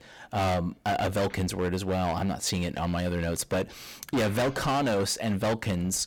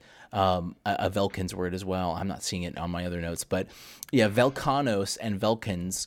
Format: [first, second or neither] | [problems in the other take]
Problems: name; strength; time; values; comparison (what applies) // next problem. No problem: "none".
second | distortion; heavy; 16% of the sound clipped